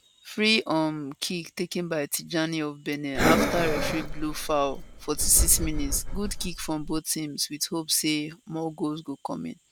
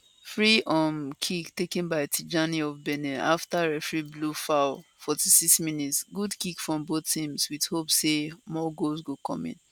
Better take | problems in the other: second | background sound (Breathing); as loud as the speech

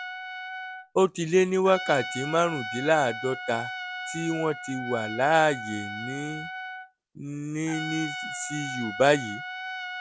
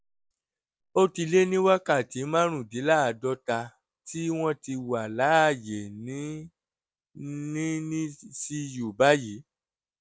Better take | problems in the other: second | background sound (Trumpet); 9 dB below the speech

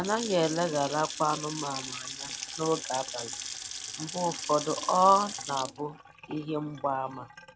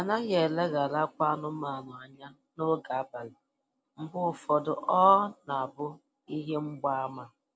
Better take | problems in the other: second | background sound (Sink (filling or washing) / Water tap, faucet / Splash, splatter); 10 dB below the speech

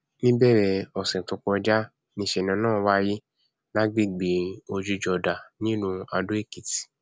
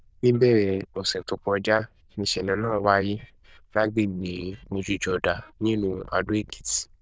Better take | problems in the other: first | noise reduction (neural diffusion model UNIVERSE++)

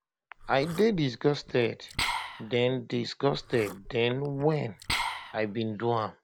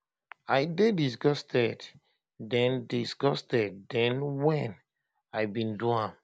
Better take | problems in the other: second | background sound (Liquid); 9 dB below the speech

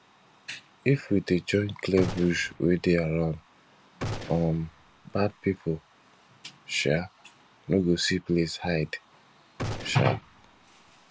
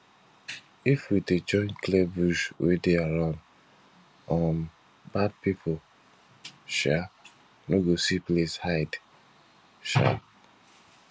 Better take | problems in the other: second | background sound (Gunshot, gunfire); 10 dB below the speech

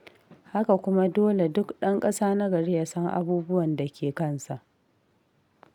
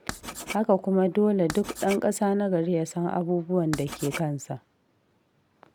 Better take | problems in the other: first | background sound (Writing); 14 dB below the speech

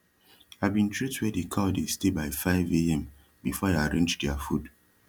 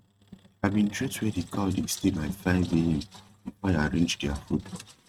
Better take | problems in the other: first | noise reduction (neural mask model RNNoise)

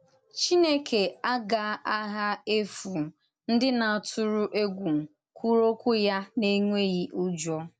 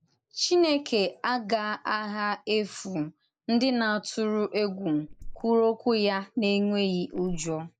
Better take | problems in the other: first | noise reduction (neural mask model Resemble Enhance denoiser)

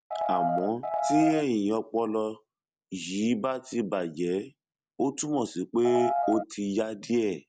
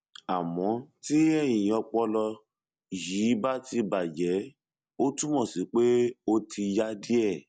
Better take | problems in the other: second | background sound (Piano); 1 dB above the speech

